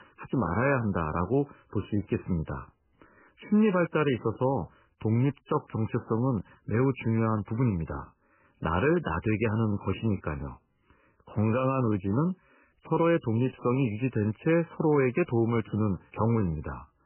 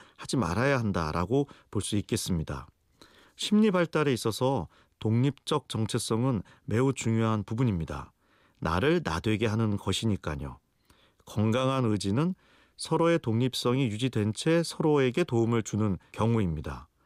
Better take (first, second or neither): second